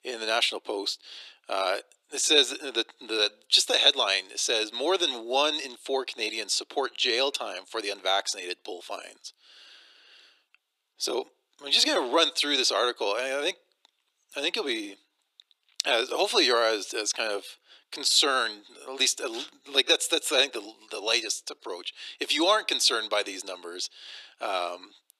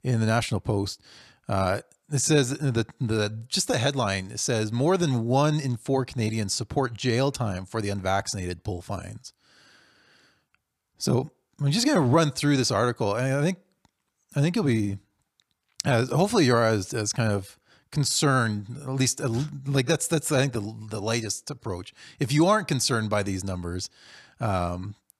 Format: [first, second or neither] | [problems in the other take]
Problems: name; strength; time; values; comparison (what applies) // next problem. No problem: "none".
second | thin; very; fading below 350 Hz